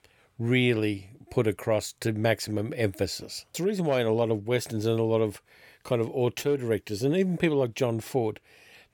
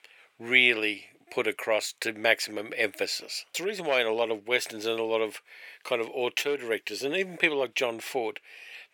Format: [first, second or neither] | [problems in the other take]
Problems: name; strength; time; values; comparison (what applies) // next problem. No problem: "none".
first | thin; somewhat; fading below 450 Hz